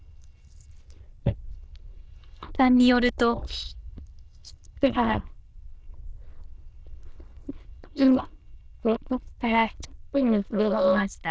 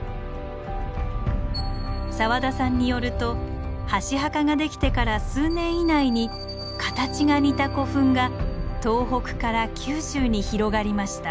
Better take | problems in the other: second | noise reduction (neural diffusion model UNIVERSE++)

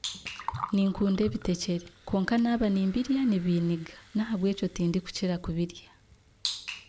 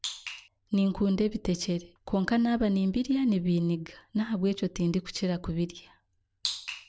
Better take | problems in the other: second | background sound (Gurgling); 16 dB below the speech

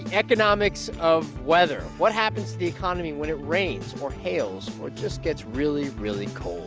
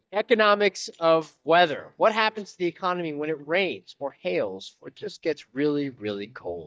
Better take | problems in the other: first | noise reduction (neural mask model DeepFilterNet 3)

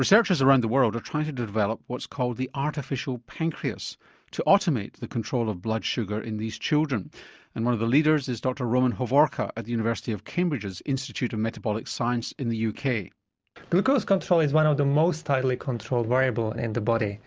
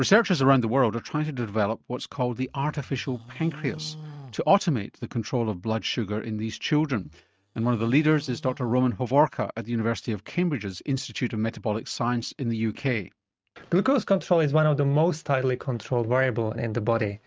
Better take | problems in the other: first | noise reduction (neural mask model RNNoise)

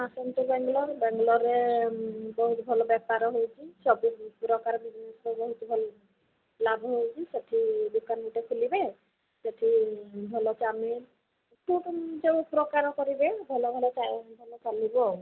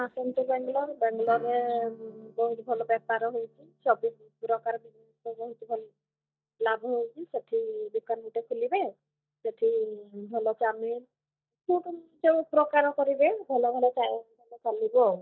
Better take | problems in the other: first | noise reduction (neural mask model DeepFilterNet 3)

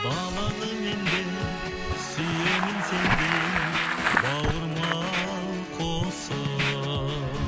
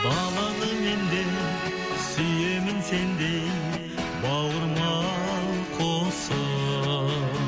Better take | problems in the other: second | background sound (Bicycle + Scratching (performance technique)); 1 dB below the speech

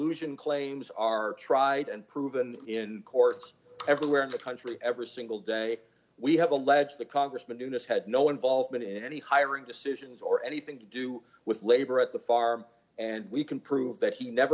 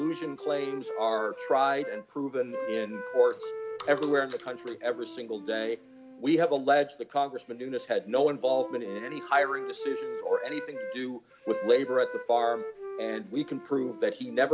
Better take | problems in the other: first | background sound (Wind instrument, woodwind instrument); 10 dB below the speech

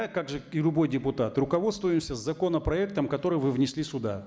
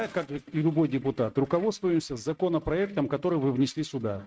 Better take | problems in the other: first | noise reduction (neural mask model RNNoise)

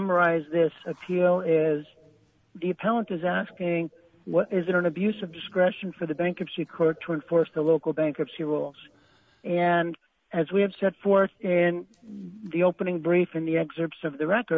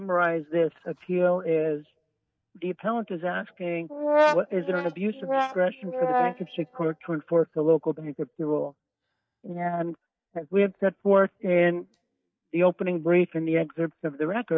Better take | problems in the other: first | noise reduction (neural mask model DeepFilterNet 3)

